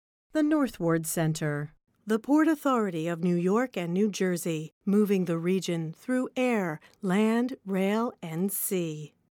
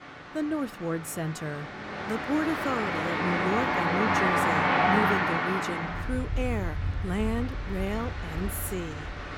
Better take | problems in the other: first | train or aircraft noise; very loud; throughout; 4 dB above the speech

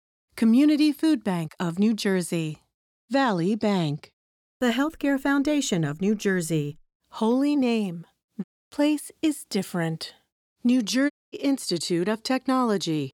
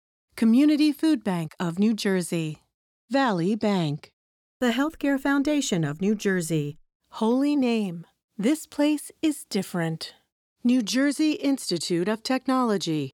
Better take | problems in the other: second | audio cutting out; at 8.5 s and at 11 s

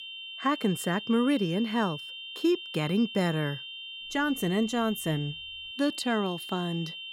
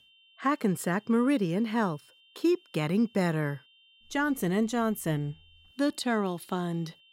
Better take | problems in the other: second | high-pitched whine; loud; throughout; 3 kHz, 9 dB below the speech; faint in the second

